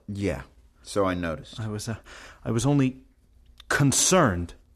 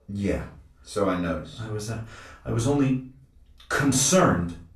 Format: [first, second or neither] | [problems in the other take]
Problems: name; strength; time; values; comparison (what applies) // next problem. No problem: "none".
first | off-mic speech; far // room echo; slight; dies away in 0.3 s